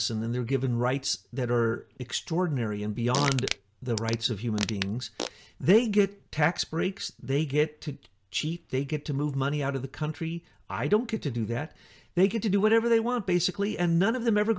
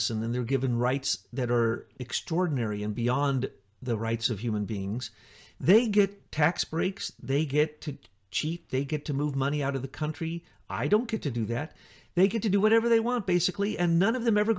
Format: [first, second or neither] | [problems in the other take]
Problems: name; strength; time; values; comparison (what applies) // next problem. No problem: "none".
second | background sound (Fart); 8 dB below the speech